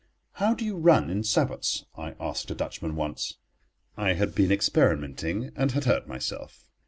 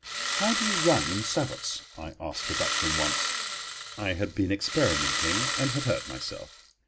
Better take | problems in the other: first | background sound (Engine starting); as loud as the speech

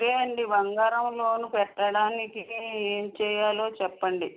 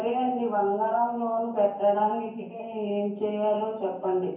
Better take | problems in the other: first | room echo; dies away in 0.9 s

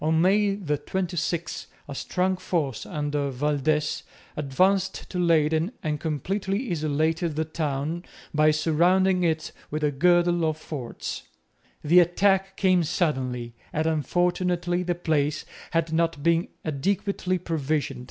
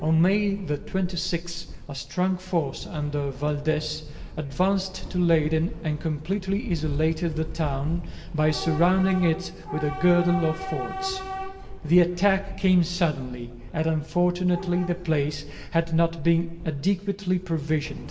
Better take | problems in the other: first | background sound (Subway, metro, underground / Train); 10 dB below the speech // room echo; dies away in 0.9 s

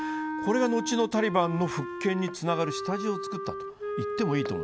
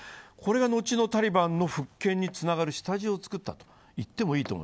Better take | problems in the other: second | background sound (Wind instrument, woodwind instrument); 5 dB below the speech

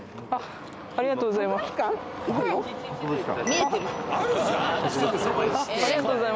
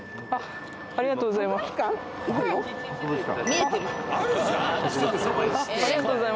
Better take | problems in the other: first | background sound (Wind instrument, woodwind instrument); 16 dB below the speech

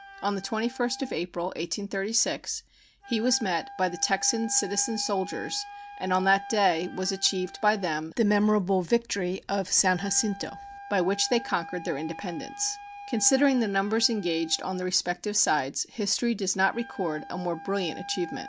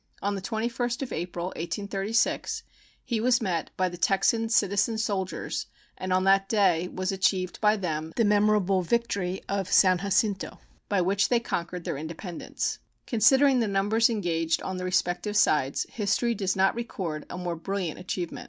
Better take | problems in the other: second | background sound (Wind instrument, woodwind instrument); 16 dB below the speech

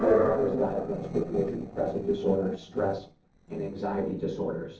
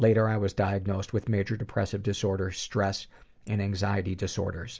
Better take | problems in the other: second | noise reduction (neural separator model SepFormer DNS4)

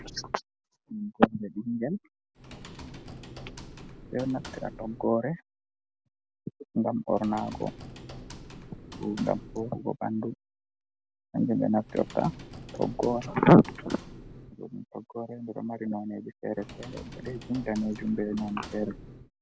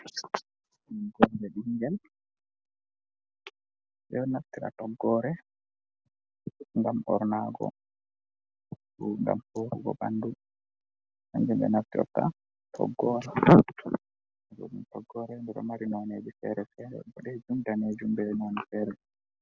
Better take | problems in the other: second | background sound (Computer keyboard); 16 dB below the speech

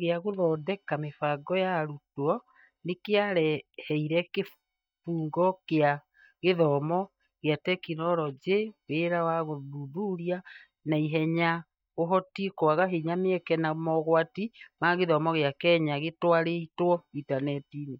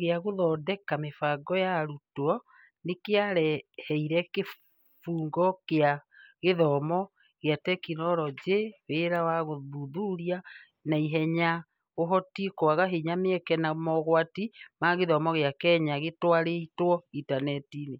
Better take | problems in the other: second | noise reduction (neural mask model DeepFilterNet 3)

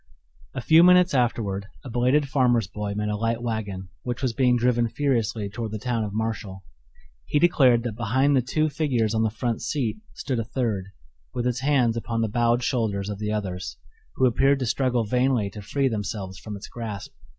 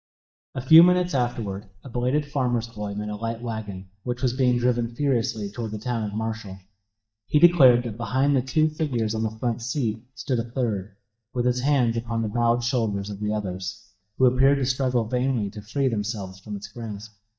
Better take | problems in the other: first | noise reduction (neural mask model DeepFilterNet 3)

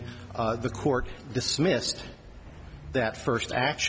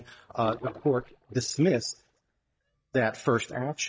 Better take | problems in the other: first | noise reduction (neural mask model DeepFilterNet 3)

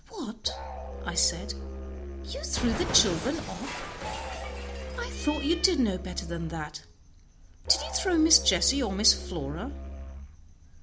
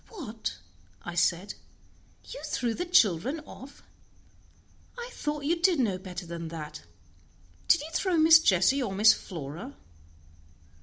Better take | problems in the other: second | background sound (Cat + Musical instrument); 7 dB below the speech

